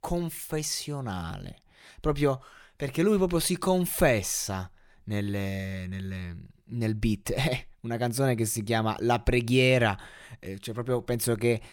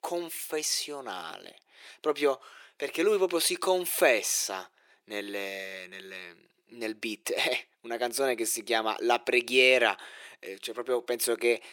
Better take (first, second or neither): first